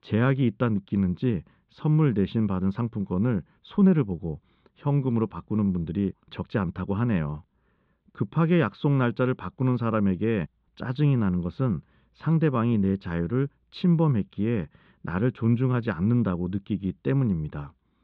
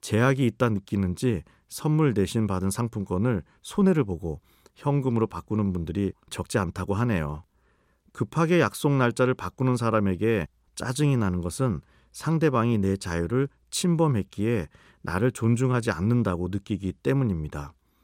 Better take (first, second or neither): second